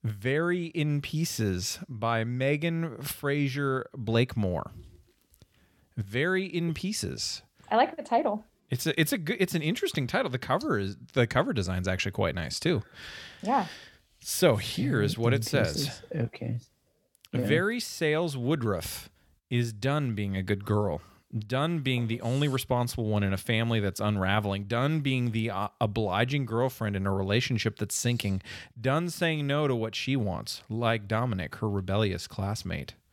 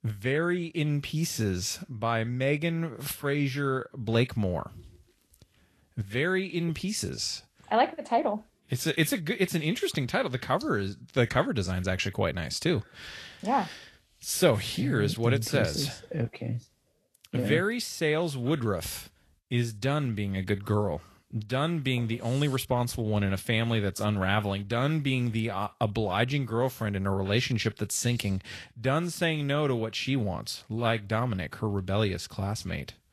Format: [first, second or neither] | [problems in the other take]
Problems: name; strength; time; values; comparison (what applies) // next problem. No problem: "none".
first | garbled, watery; slightly; nothing above 13 kHz